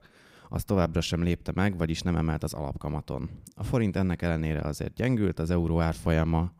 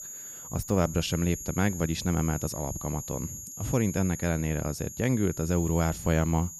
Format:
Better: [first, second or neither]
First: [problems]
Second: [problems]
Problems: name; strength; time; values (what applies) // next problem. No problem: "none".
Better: first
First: none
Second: high-pitched whine; loud; throughout; 6.5 kHz, 9 dB below the speech